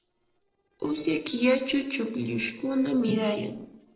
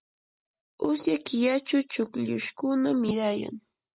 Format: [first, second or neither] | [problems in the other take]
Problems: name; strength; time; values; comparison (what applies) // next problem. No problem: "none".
second | noise reduction (neural separator model SepFormer DNS4)